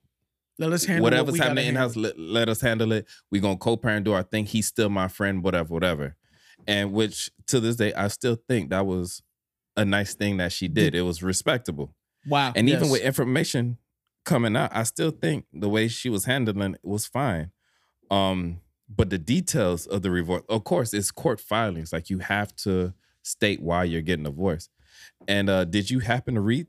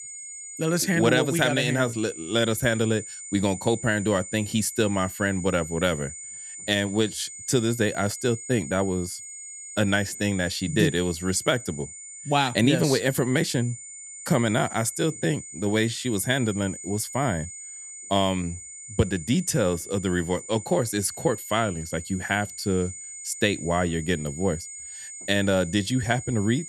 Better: first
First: none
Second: high-pitched whine; noticeable; throughout; 7 kHz, 10 dB below the speech

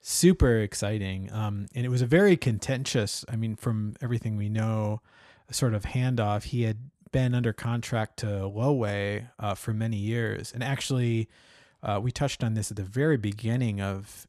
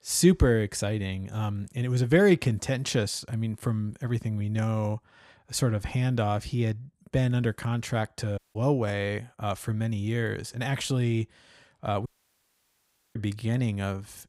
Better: first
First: none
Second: audio cutting out; at 8.5 s and at 12 s for 1 s

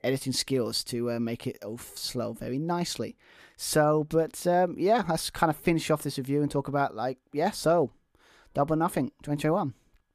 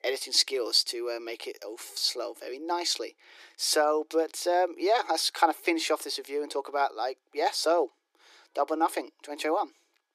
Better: first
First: none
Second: thin; very; fading below 300 Hz

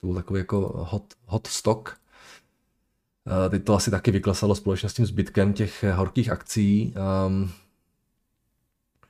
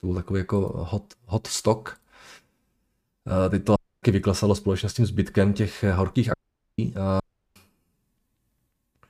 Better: first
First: none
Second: audio cutting out; at 4 s, at 6.5 s and at 7 s

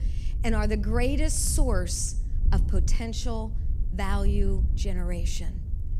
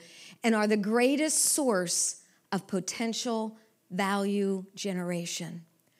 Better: second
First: wind noise on the microphone; occasional gusts; 15 dB below the speech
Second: none

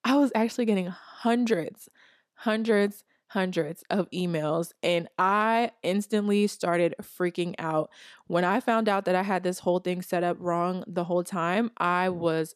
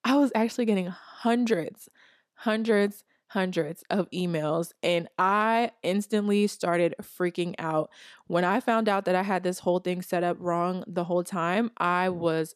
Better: neither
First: none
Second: none

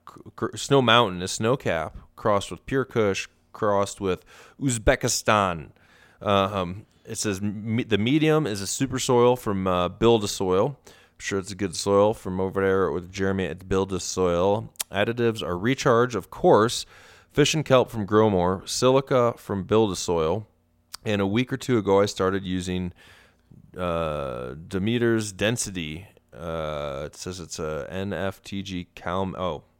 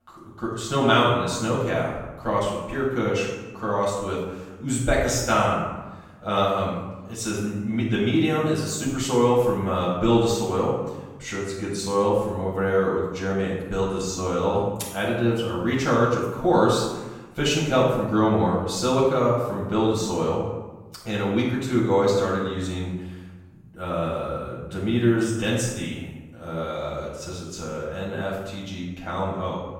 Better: first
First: none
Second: off-mic speech; far // room echo; noticeable; dies away in 0.9 s

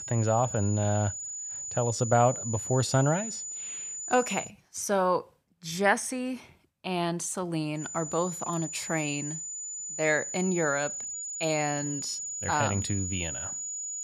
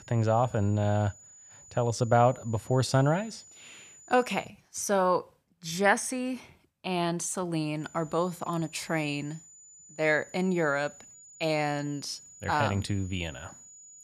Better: second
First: high-pitched whine; loud; until 4.5 s and from 8 s on; 7 kHz, 5 dB below the speech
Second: high-pitched whine; faint; until 4.5 s and from 8 s on; 7 kHz, 20 dB below the speech

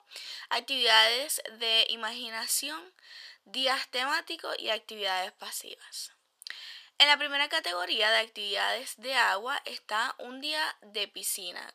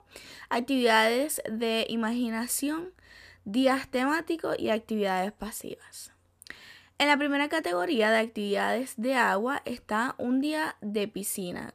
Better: second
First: thin; very; fading below 750 Hz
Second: none

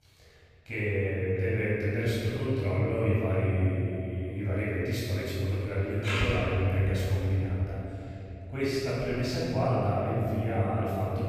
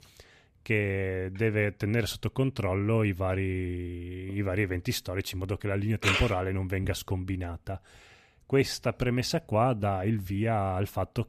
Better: second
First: off-mic speech; far // room echo; strong; dies away in 3 s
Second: none

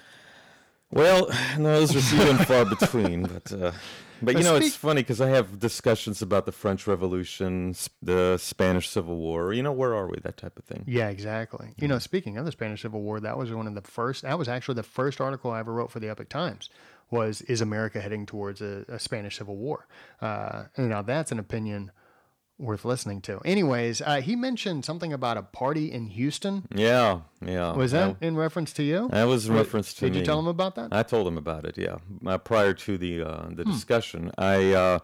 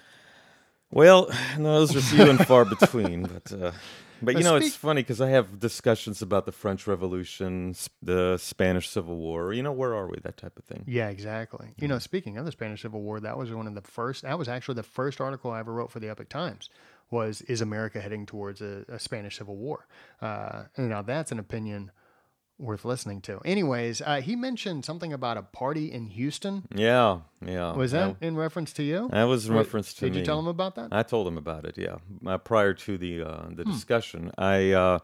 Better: second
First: distortion; heavy; 3% of the sound clipped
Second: none

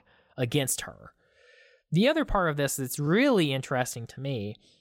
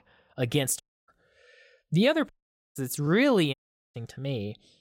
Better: first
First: none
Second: audio cutting out; at 1 s, at 2.5 s and at 3.5 s

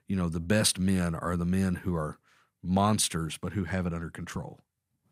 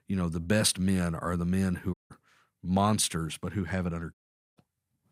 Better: first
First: none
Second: audio cutting out; at 2 s and at 4 s

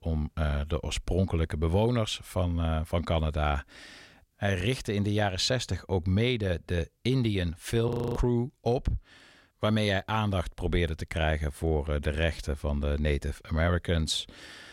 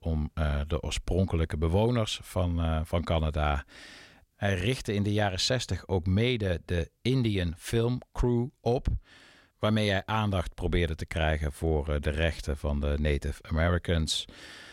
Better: second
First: audio freezing; at 8 s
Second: none

